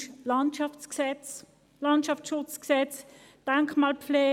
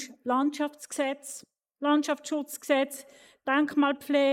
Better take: first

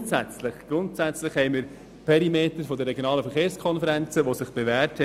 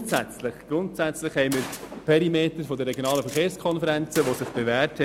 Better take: first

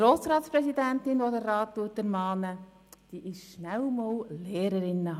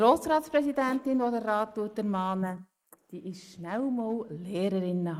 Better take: first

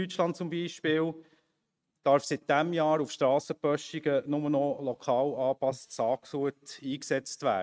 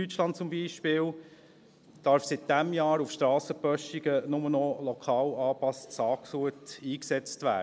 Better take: second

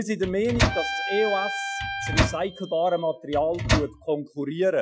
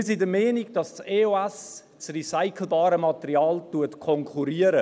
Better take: second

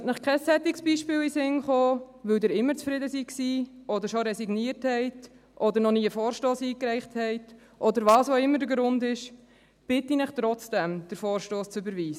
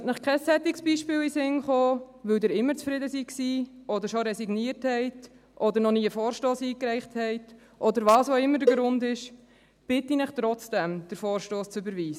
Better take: first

